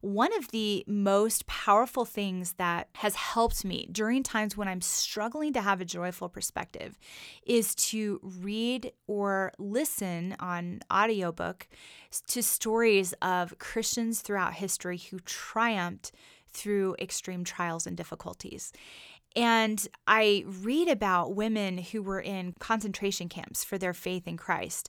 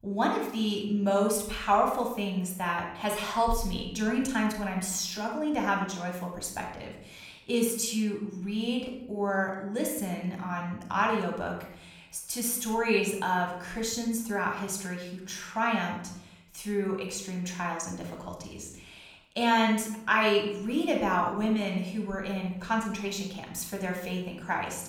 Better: first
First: none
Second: off-mic speech; somewhat distant // room echo; noticeable; dies away in 0.7 s

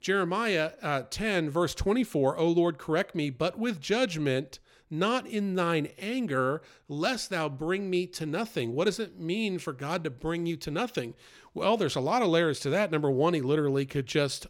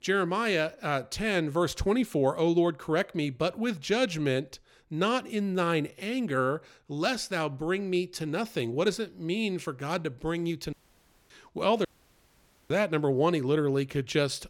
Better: first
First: none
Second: audio cutting out; at 11 s for 0.5 s and at 12 s for 1 s

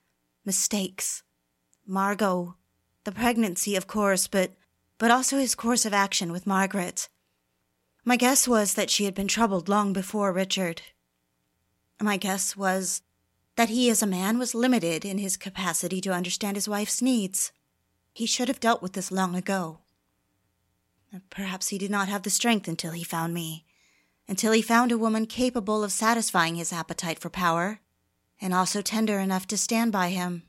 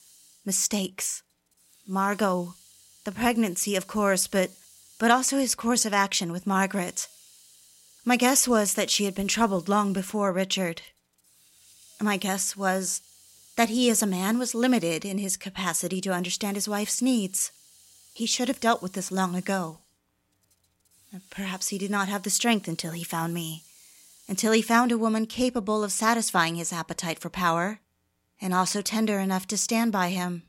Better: first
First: none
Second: hiss; faint; until 26 s; 25 dB below the speech

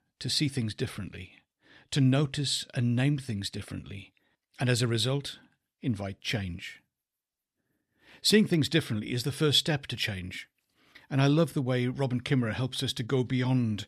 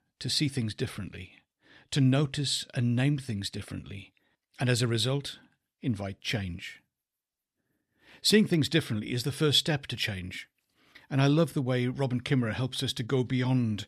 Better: neither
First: none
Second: none

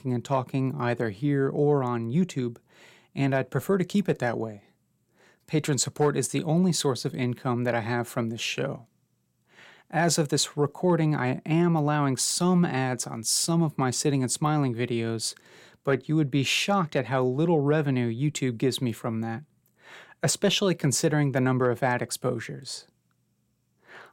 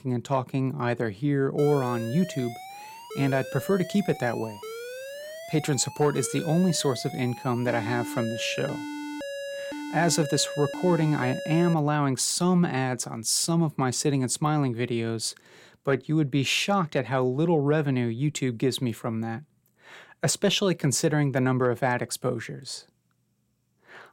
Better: first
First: none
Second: alarm; noticeable; from 1.5 to 12 s; peak 8 dB below the speech

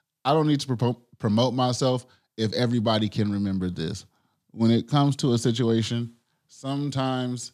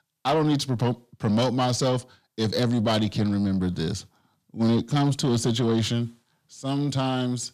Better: first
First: none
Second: distortion; slight; 10 dB below the speech

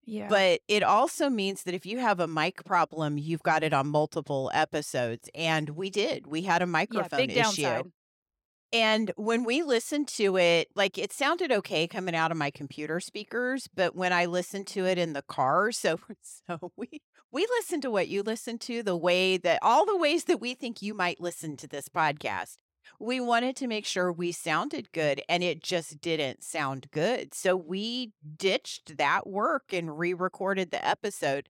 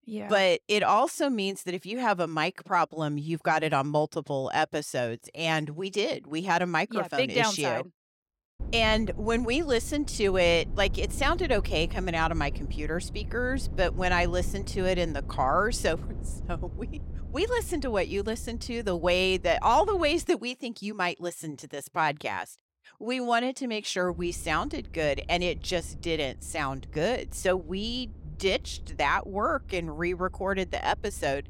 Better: first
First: none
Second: low rumble; faint; from 8.5 to 20 s and from 24 s on; 25 dB below the speech

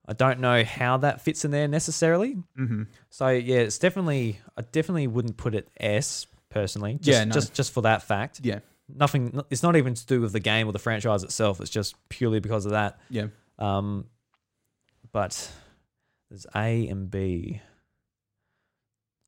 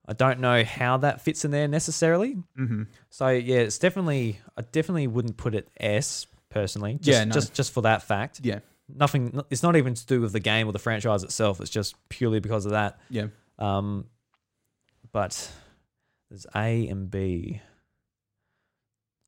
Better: neither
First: none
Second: none

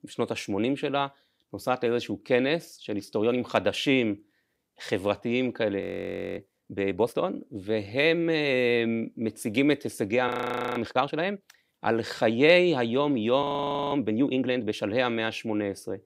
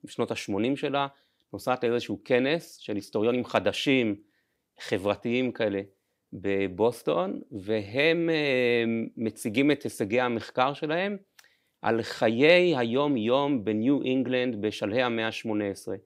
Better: second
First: audio freezing; at 6 s for 0.5 s, at 10 s and at 13 s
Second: none

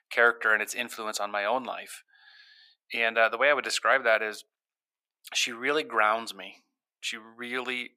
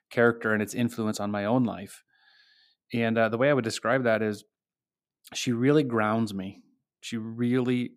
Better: second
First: thin; very; fading below 850 Hz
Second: none

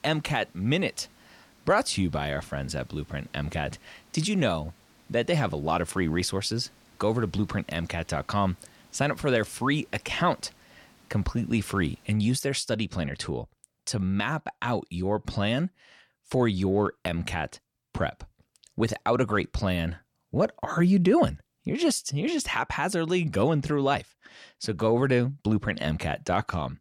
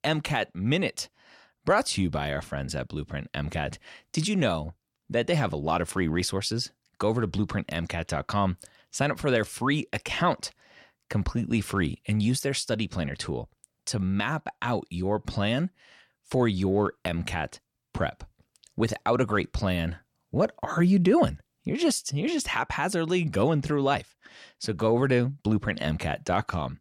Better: second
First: hiss; faint; until 12 s; 30 dB below the speech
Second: none

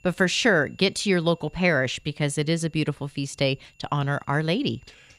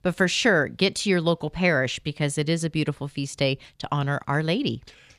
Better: second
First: high-pitched whine; faint; throughout; 2.5 kHz, 35 dB below the speech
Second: none

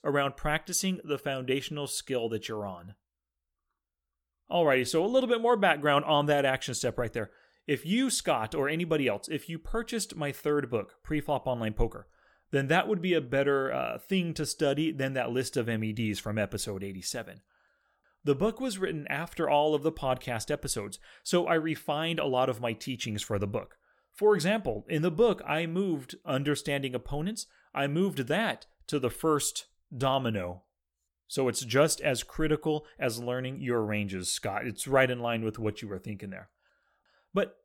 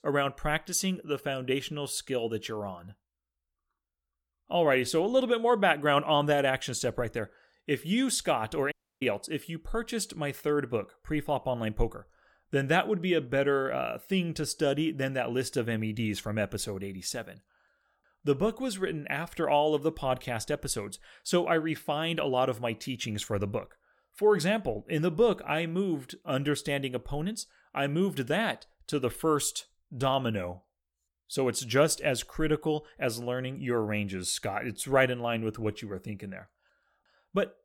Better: first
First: none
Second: audio cutting out; at 8.5 s

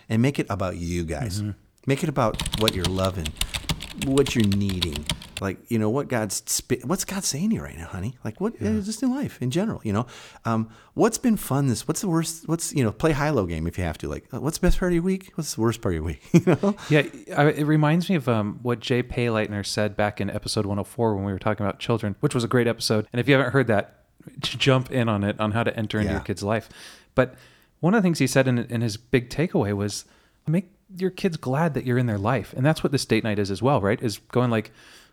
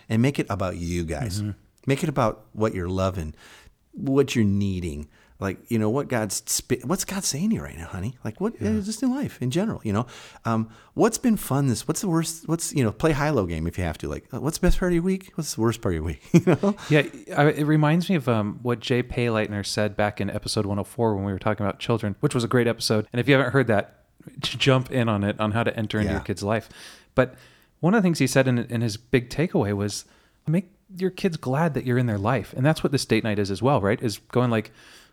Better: second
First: keyboard typing; noticeable; from 2.5 to 5.5 s; peak 1 dB below the speech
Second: none

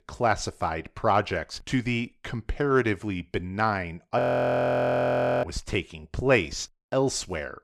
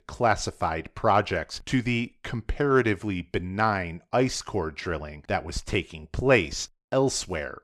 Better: second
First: audio freezing; at 4 s for 1 s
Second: none

